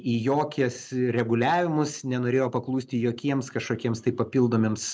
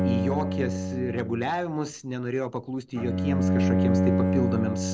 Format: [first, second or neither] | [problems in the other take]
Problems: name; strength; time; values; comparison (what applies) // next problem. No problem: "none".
first | background sound (Bowed string instrument); 4 dB above the speech